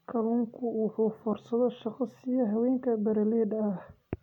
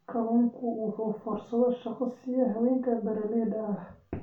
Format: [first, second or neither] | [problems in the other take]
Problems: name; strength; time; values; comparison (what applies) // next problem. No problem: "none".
first | room echo; dies away in 0.3 s